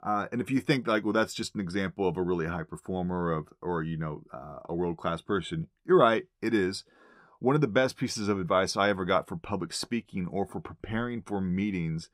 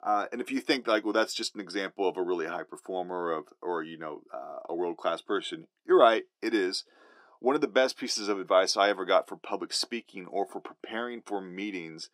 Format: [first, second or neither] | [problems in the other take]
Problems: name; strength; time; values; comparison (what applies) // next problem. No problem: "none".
first | thin; somewhat; fading below 300 Hz